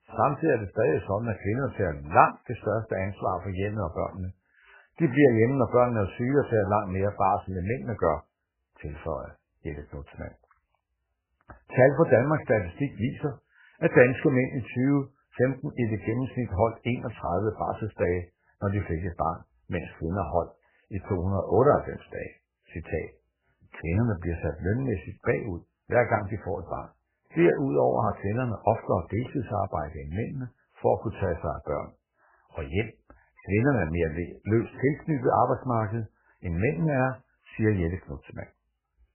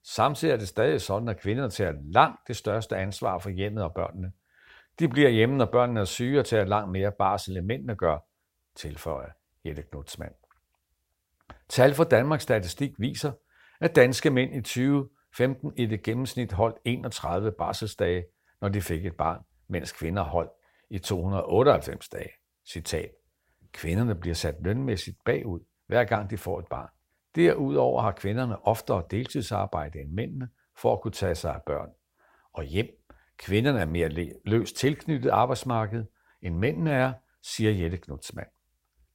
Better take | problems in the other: second | garbled, watery; badly; nothing above 2.5 kHz

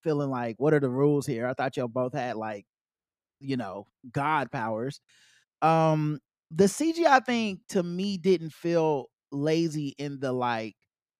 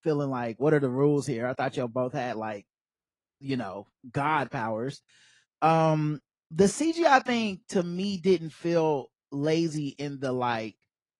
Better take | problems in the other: first | garbled, watery; slightly; nothing above 10.5 kHz

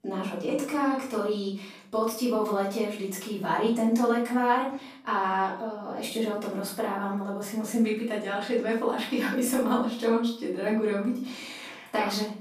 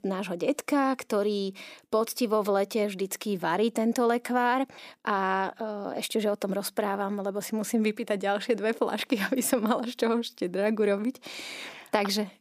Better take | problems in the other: second | off-mic speech; far // room echo; noticeable; dies away in 0.5 s

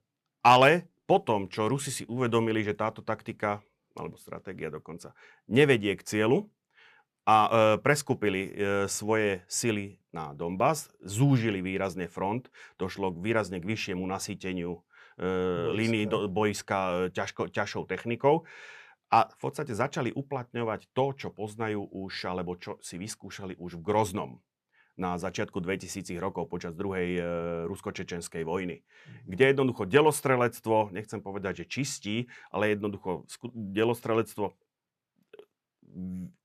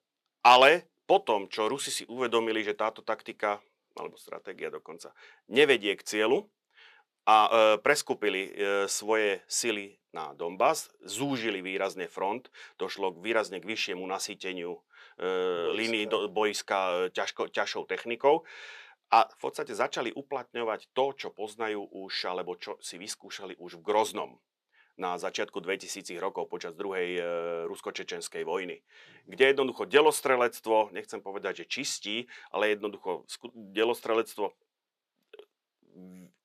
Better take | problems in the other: first | thin; somewhat; fading below 400 Hz

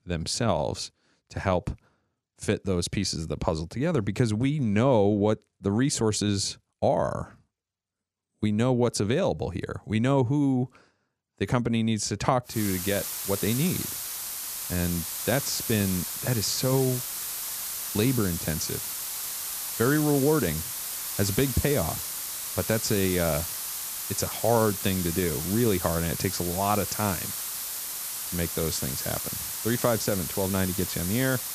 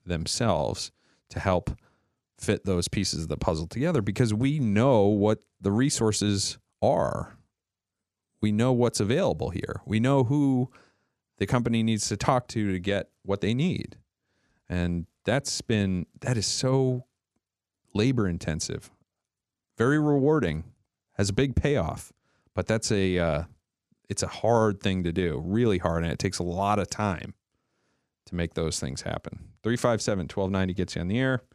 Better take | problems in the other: second | hiss; loud; from 13 s on; 4 dB below the speech

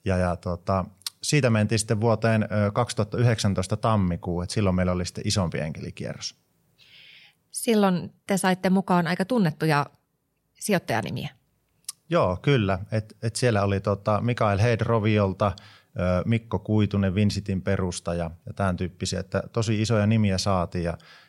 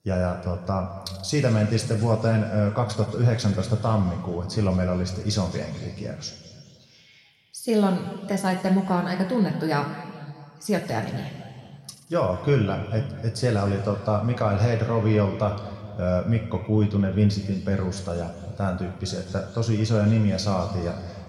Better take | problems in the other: first | room echo; noticeable; dies away in 2.1 s

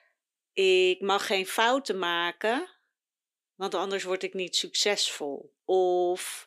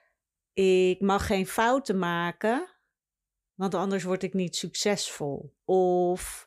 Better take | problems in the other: second | thin; somewhat; fading below 300 Hz

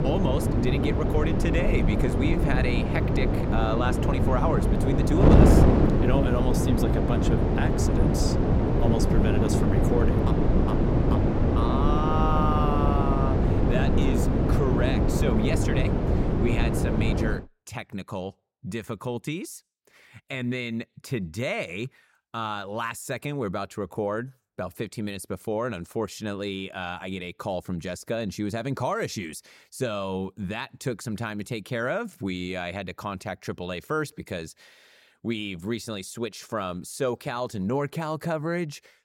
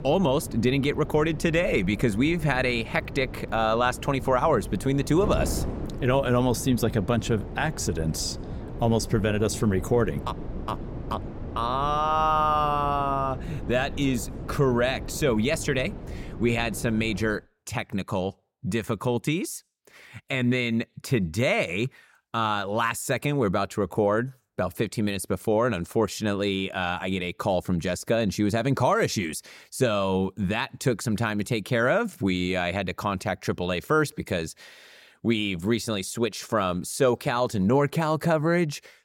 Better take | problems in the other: second | wind noise on the microphone; heavy; until 17 s; 2 dB above the speech; occasional gusts in the second

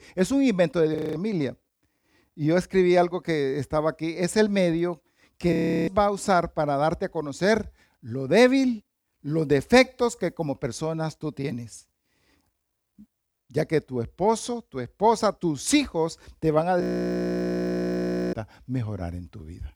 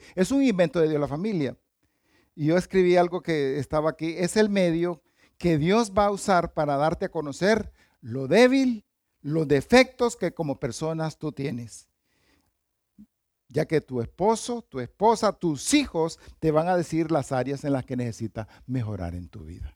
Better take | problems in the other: second | audio freezing; at 1 s, at 5.5 s and at 17 s for 1.5 s

